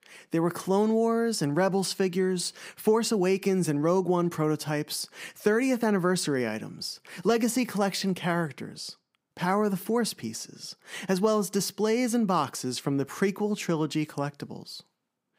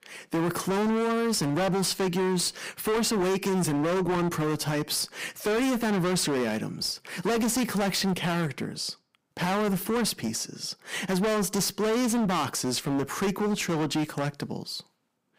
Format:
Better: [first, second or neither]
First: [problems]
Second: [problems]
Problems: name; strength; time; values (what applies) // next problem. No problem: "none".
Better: first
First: none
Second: distortion; heavy; 29% of the sound clipped